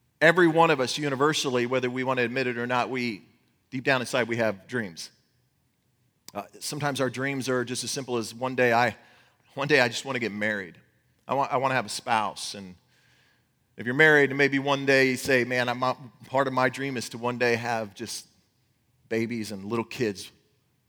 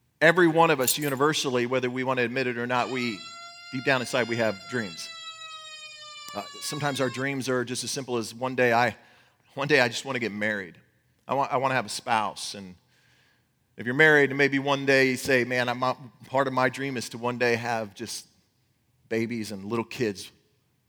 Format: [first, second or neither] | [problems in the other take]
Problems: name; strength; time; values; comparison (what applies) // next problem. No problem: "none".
first | jangling keys; noticeable; at 1 s; peak 2 dB below the speech // siren; faint; from 3 to 7 s; peak 15 dB below the speech